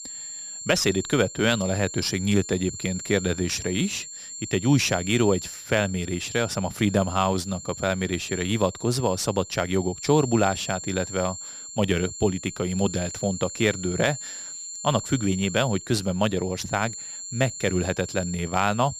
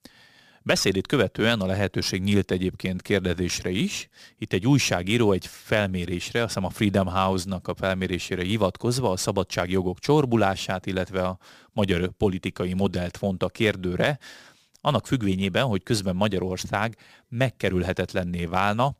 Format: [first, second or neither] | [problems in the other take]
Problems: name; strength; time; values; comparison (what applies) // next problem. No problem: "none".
second | high-pitched whine; loud; throughout; 7.5 kHz, 10 dB below the speech